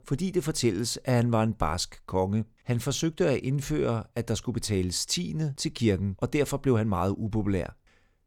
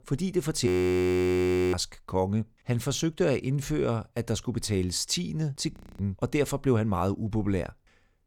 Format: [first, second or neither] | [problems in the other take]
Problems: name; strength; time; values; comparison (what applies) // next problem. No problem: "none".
first | audio freezing; at 0.5 s for 1 s and at 5.5 s